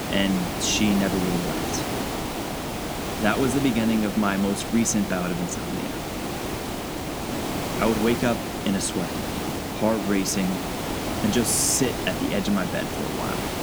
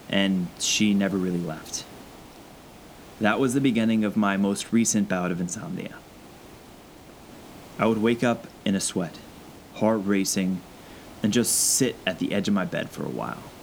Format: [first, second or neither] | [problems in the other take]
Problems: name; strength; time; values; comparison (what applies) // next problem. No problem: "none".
second | hiss; loud; throughout; 4 dB below the speech; faint in the second